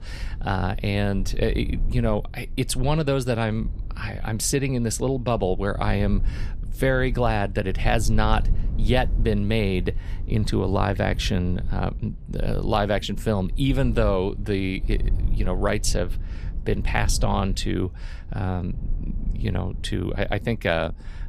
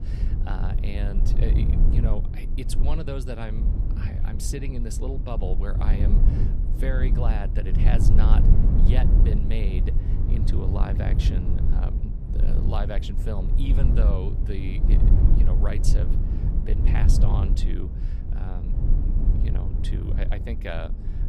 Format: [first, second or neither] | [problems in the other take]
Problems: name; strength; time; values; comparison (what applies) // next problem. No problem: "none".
first | low rumble; loud; throughout; 2 dB below the speech; faint in the first